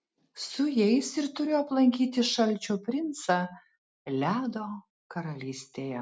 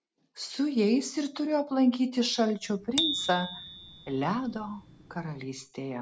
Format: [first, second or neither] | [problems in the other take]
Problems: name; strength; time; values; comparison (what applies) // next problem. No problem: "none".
first | background sound (Bicycle bell); 8 dB below the speech